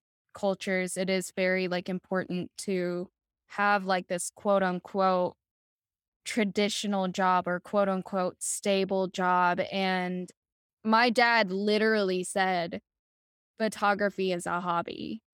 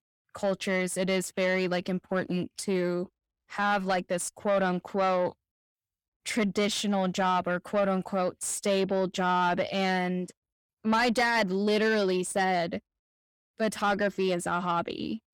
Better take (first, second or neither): first